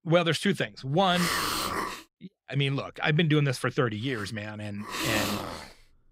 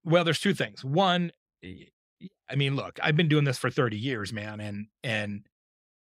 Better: second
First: hiss; loud; from 0.5 to 2 s, from 3 to 4 s and from 5 s on; 3 dB below the speech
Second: none

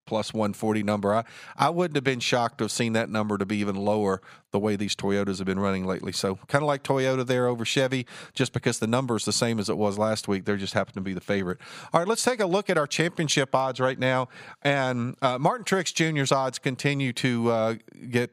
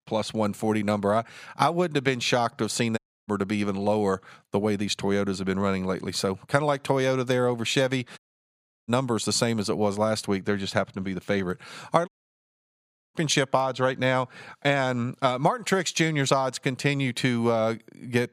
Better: first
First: none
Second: audio cutting out; at 3 s, at 8 s for 0.5 s and at 12 s for 1 s

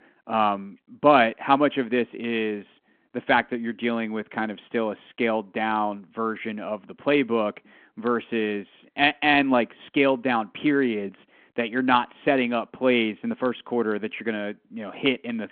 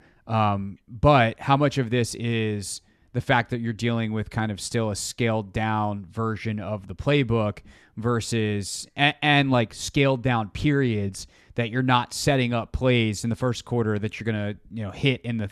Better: second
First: phone-call audio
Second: none

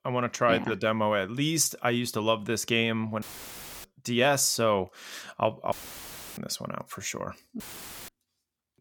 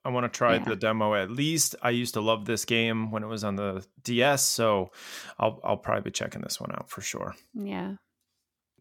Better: second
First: audio cutting out; filled with static; at 3 s for 0.5 s, at 5.5 s for 0.5 s and at 7.5 s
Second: none

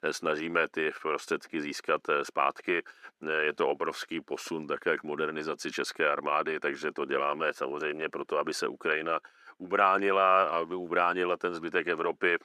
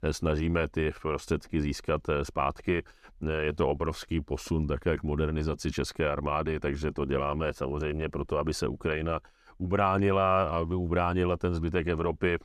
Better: second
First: thin; somewhat; fading below 300 Hz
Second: none

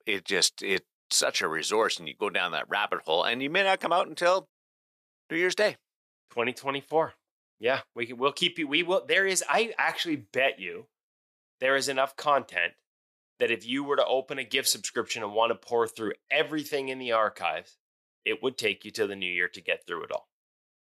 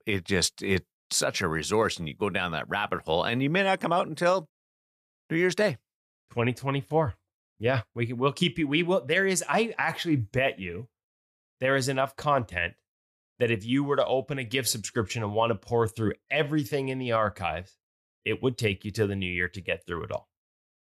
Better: second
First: thin; somewhat; fading below 350 Hz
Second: none

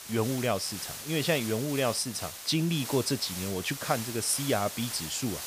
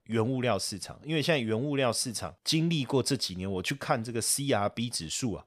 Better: second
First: hiss; loud; throughout; 7 dB below the speech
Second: none

